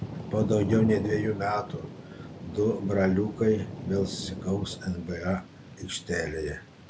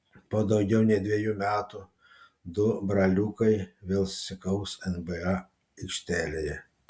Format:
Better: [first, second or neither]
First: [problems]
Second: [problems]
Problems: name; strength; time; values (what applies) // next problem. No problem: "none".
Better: second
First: background sound (Thunder / Rain); 8 dB below the speech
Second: none